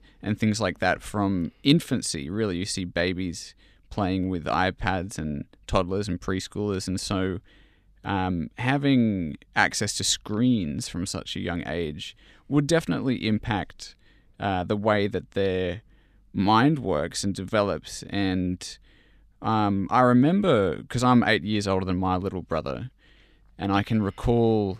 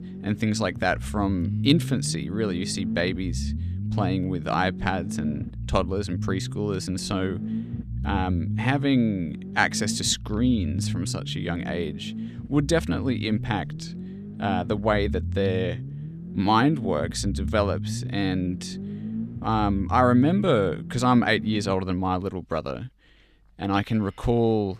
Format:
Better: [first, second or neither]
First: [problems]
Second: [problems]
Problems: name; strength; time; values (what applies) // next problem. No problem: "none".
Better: first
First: none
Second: low rumble; noticeable; until 22 s; 15 dB below the speech